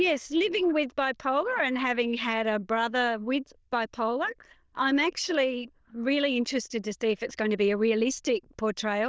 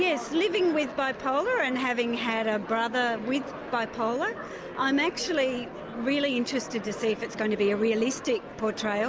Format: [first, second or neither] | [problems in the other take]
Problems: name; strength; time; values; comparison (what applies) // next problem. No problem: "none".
second | noise reduction (neural diffusion model UNIVERSE++)